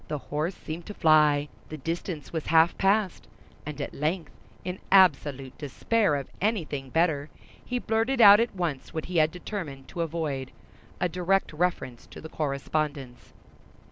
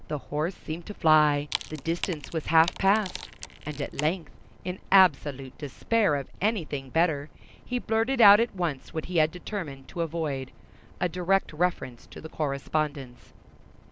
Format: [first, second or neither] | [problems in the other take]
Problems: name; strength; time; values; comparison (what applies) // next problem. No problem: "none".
first | background sound (Wood); 13 dB below the speech